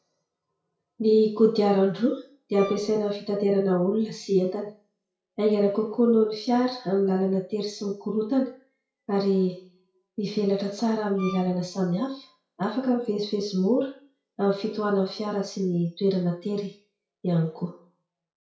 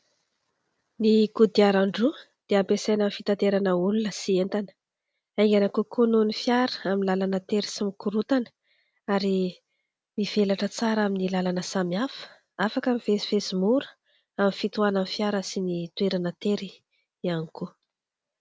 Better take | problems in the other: second | noise reduction (classical method WPE with log-MMSE)

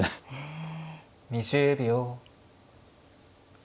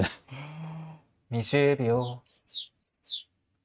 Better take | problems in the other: first | noise reduction (neural mask model RNNoise)

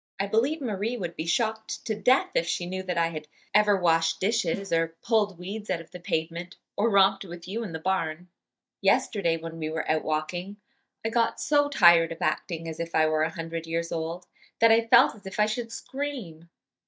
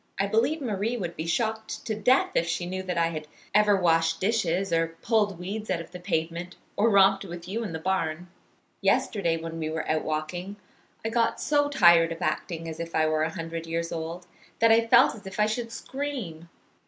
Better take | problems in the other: second | noise reduction (neural mask model DeepFilterNet 3)

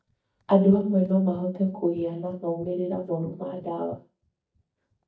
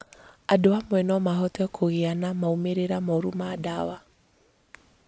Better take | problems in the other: second | noise reduction (neural mask model DeepFilterNet 3)

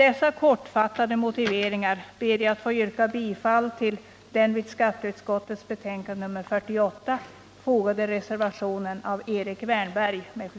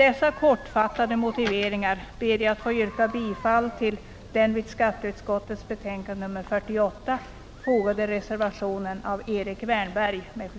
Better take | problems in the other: first | background sound (Chatter); 17 dB below the speech

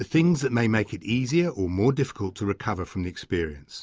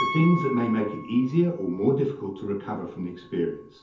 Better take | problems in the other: first | background sound (Piano); 11 dB below the speech // room echo; dies away in 0.5 s

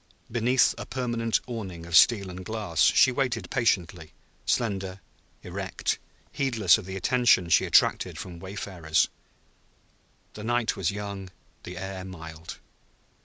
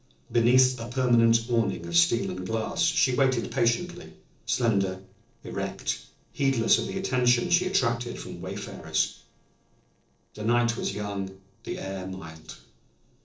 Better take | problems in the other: first | noise reduction (neural separator model SepFormer DNS4)

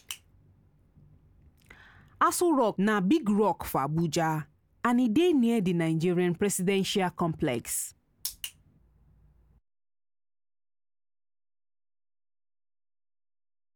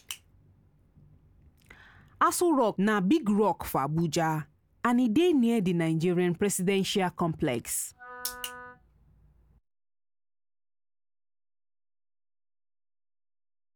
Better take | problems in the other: first | background sound (Wind instrument, woodwind instrument); 18 dB below the speech

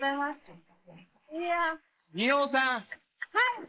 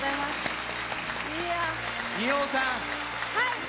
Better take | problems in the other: second | noise reduction (neural mask model Resemble Enhance denoiser)

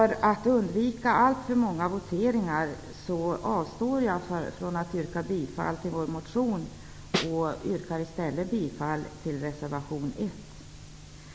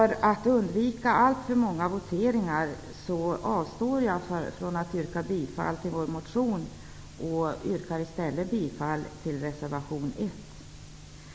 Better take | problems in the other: second | background sound (Snare drum); 1 dB below the speech

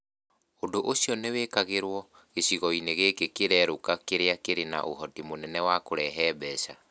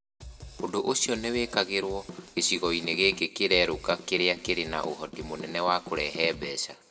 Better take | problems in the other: first | background sound (Drum / Drum kit); 14 dB below the speech // room echo; dies away in 1.1 s

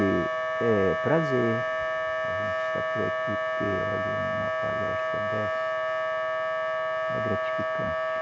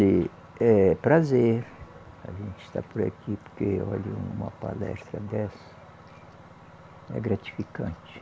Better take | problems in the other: second | background sound (Wind instrument, woodwind instrument); 4 dB above the speech

